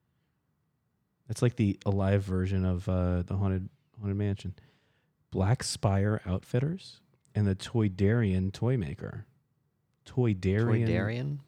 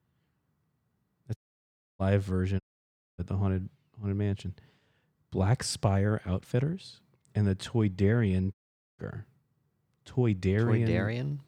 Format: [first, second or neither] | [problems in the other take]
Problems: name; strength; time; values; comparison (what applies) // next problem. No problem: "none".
first | audio cutting out; at 1.5 s for 0.5 s, at 2.5 s for 0.5 s and at 8.5 s